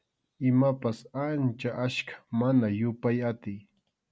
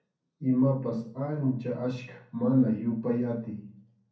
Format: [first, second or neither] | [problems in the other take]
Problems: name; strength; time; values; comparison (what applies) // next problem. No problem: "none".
first | room echo; dies away in 0.6 s